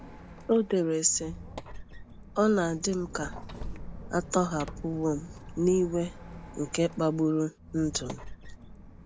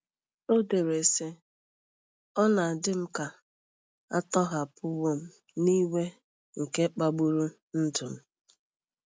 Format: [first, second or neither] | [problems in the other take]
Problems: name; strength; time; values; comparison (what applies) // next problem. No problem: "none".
second | background sound (Squeak); 13 dB below the speech